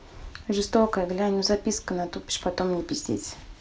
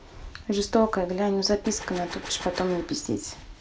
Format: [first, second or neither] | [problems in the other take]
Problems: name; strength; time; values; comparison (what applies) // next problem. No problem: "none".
first | background sound (Gunshot, gunfire); 14 dB below the speech